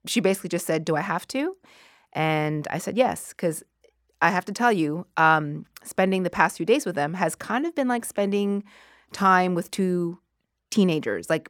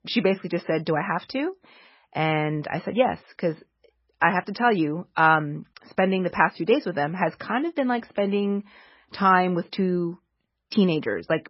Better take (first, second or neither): first